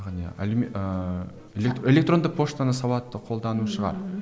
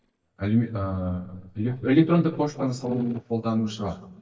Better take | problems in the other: first | noise reduction (neural mask model DeepFilterNet 3)

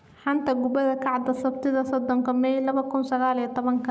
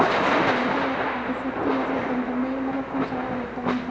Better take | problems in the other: first | background sound (Thunder / Rain); 3 dB above the speech // room echo; dies away in 0.5 s

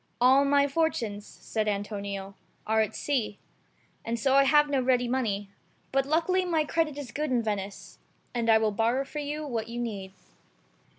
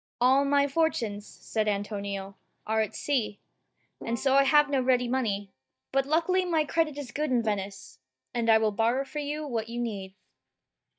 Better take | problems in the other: first | noise reduction (neural mask model DeepFilterNet 3)

